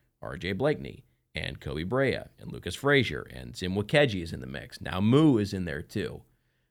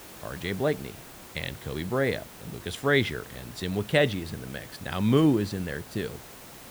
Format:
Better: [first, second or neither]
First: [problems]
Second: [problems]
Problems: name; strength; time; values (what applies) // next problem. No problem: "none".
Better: first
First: none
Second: hiss; noticeable; throughout; 15 dB below the speech